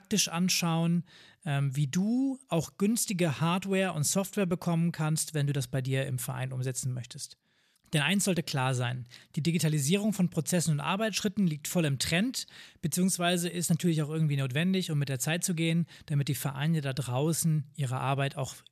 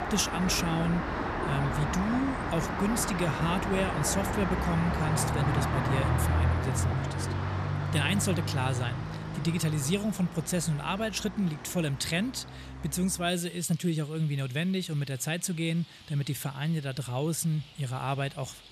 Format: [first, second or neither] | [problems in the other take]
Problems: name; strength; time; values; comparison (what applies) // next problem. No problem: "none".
first | traffic noise; loud; throughout; 1 dB below the speech